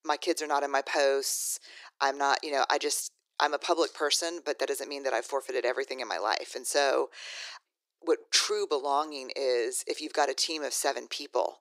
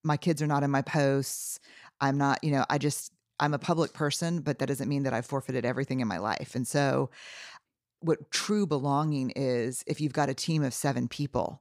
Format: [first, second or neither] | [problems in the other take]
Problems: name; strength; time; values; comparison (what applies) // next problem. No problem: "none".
second | thin; very; fading below 350 Hz